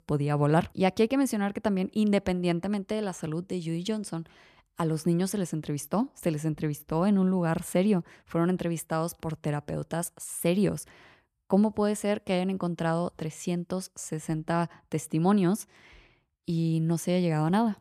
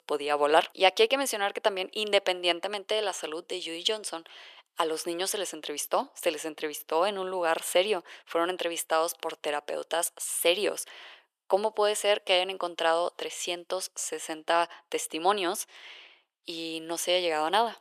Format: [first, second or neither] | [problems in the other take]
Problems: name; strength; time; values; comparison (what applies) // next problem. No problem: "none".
first | thin; very; fading below 450 Hz